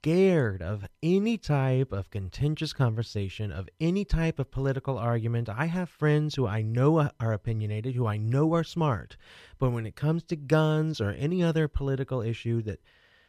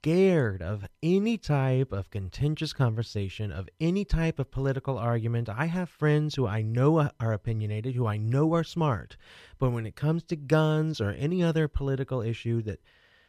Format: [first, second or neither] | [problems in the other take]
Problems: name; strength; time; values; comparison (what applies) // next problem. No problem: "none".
neither | none